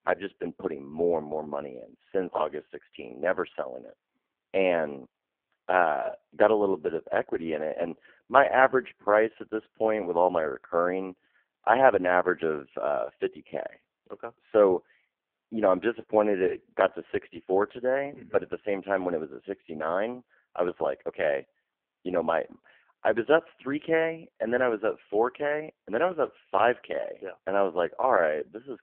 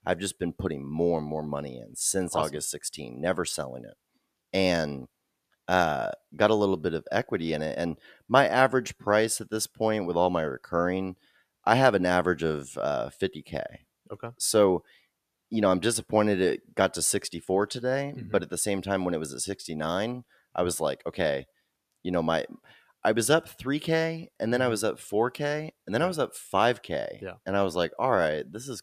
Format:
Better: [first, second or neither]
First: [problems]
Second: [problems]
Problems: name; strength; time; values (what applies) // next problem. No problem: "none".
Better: second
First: phone-call audio; poor line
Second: none